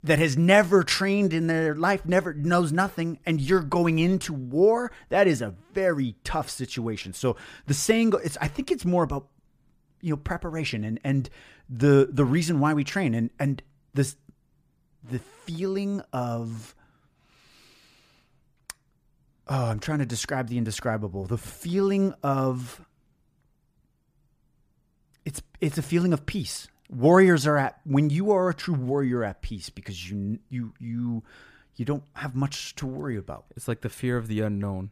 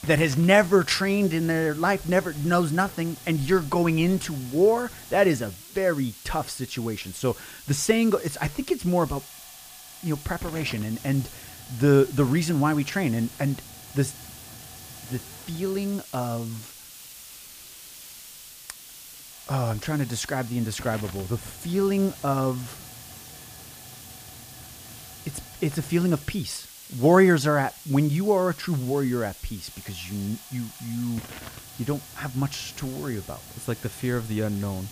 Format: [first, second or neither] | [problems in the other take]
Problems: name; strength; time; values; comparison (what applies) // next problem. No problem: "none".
first | hiss; noticeable; throughout; 15 dB below the speech